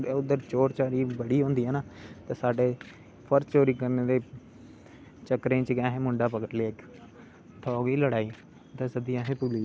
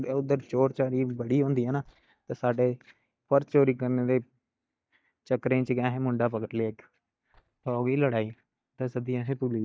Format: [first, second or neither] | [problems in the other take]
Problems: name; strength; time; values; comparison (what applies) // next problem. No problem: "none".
first | noise reduction (neural mask model DeepFilterNet 3)